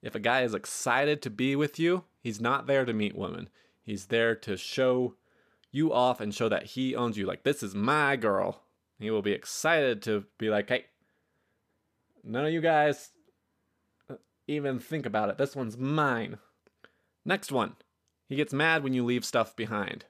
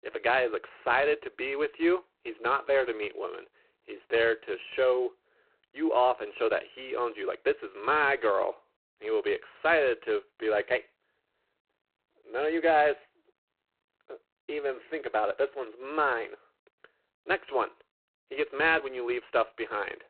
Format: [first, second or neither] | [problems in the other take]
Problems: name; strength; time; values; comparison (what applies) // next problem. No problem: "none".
first | phone-call audio; poor line; nothing above 4 kHz